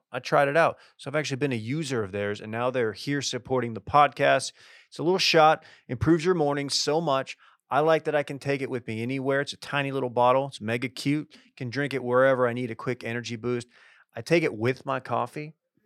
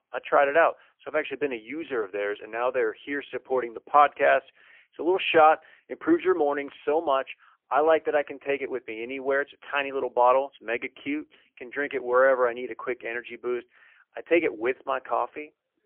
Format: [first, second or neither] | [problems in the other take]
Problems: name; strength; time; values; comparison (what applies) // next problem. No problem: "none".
first | phone-call audio; poor line; nothing above 3 kHz